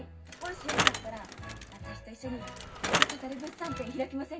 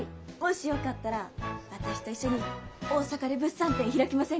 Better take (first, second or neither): second